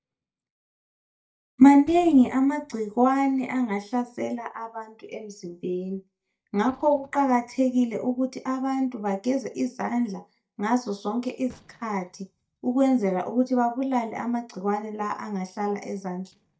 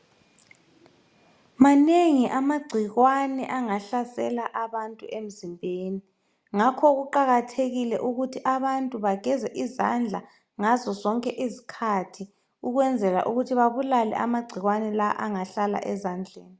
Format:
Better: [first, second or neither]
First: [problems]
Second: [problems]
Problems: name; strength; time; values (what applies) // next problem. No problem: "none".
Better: second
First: noise reduction (neural mask model DeepFilterNet 3)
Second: none